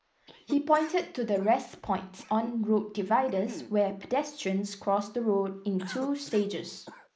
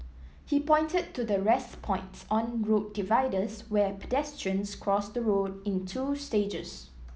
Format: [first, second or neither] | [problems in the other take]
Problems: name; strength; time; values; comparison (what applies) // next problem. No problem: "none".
second | noise reduction (neural mask model Resemble Enhance denoiser)